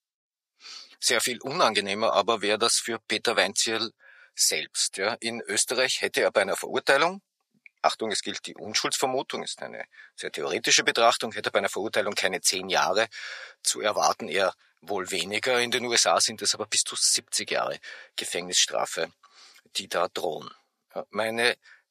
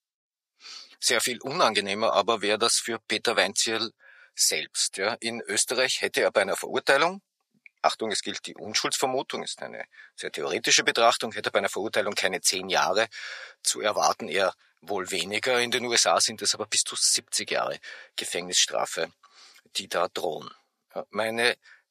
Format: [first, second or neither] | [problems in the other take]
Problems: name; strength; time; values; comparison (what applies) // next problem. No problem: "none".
neither | thin; very; fading below 650 Hz; the same in both